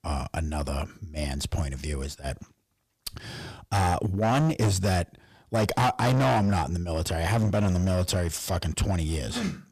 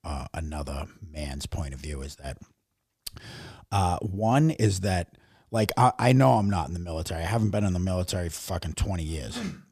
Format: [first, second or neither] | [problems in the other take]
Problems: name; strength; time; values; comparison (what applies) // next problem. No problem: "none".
second | distortion; heavy; 10% of the sound clipped